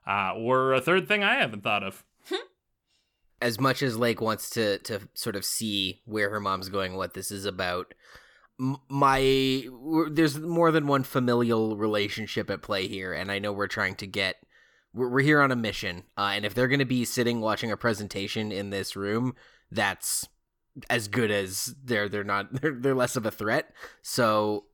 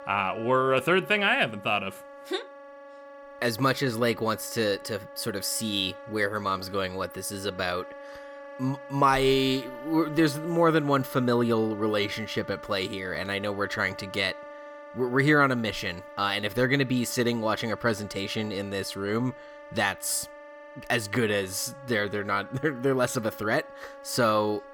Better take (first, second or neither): first